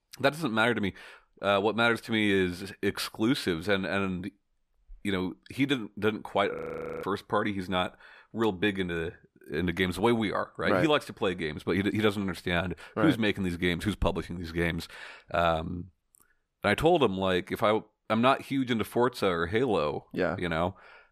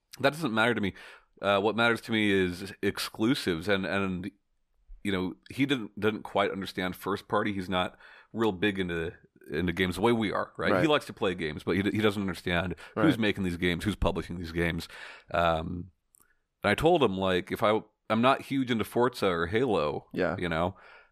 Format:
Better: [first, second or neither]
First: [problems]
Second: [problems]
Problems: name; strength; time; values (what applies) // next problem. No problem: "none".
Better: second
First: audio freezing; at 6.5 s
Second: none